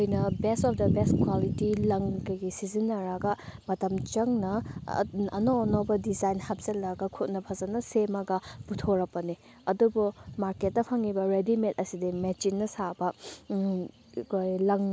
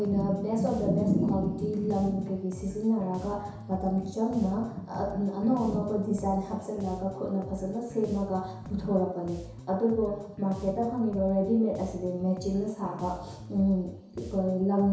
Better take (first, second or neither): first